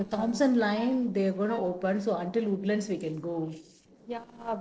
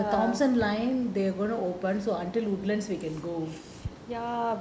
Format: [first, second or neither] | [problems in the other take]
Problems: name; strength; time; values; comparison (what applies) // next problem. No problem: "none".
second | noise reduction (neural separator model SepFormer DNS4)